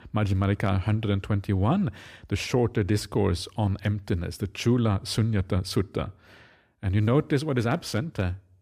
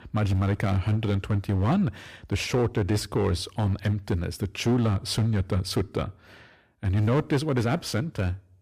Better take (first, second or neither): first